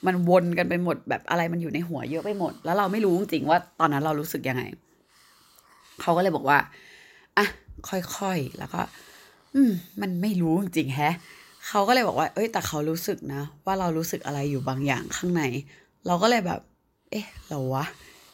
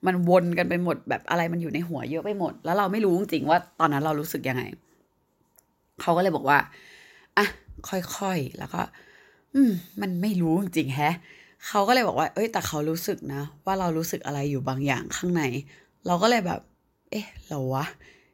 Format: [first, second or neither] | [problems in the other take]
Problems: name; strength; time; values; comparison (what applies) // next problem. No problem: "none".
second | hiss; faint; throughout; 30 dB below the speech